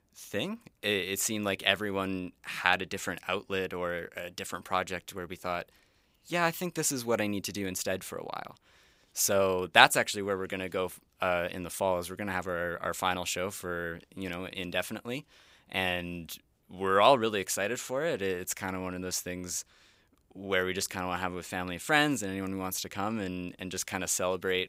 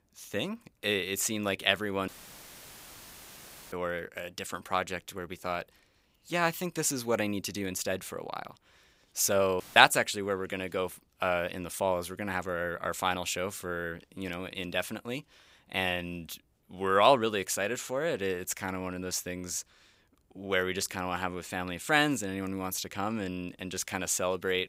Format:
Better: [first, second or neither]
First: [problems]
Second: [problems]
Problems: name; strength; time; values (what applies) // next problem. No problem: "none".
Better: first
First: none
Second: audio cutting out; filled with static; at 2 s for 1.5 s and at 9.5 s